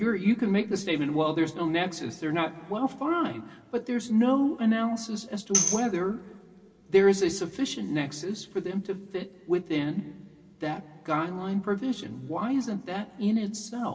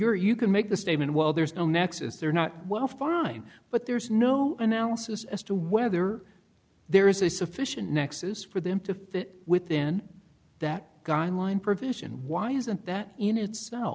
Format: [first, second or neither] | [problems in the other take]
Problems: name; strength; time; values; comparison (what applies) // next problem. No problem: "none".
second | background sound (Tambourine); 3 dB below the speech // room echo; dies away in 1.9 s